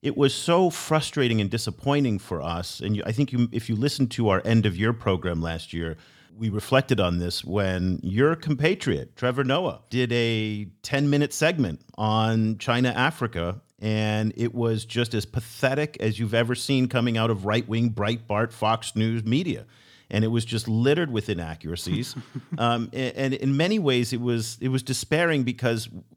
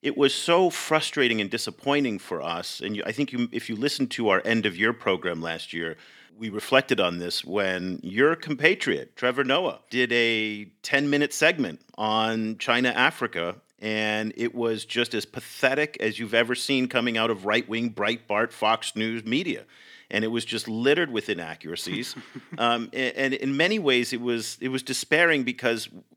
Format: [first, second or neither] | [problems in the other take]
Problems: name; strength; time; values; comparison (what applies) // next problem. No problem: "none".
first | thin; very slightly; fading below 300 Hz